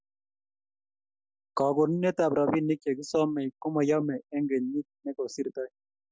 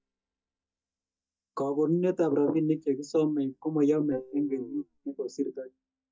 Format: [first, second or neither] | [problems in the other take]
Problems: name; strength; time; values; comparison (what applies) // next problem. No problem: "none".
first | noise reduction (neural mask model DeepFilterNet 3)